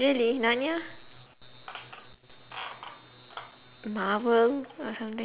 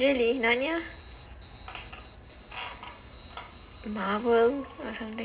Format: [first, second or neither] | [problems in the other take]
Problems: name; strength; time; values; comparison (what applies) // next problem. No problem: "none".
first | background sound (Subway, metro, underground); 19 dB below the speech // room echo; dies away in 0.2 s